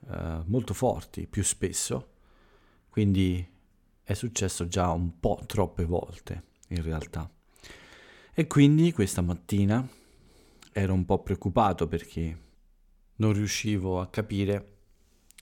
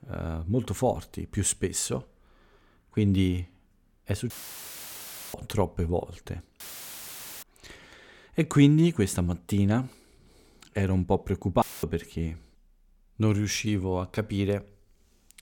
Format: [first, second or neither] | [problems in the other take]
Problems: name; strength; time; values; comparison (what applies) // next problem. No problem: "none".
first | audio cutting out; filled with static; at 4.5 s for 1 s, at 6.5 s for 1 s and at 12 s